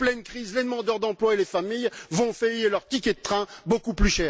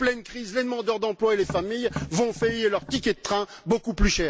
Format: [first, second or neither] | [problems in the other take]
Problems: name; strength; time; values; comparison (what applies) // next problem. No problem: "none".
first | background sound (Tap); 12 dB below the speech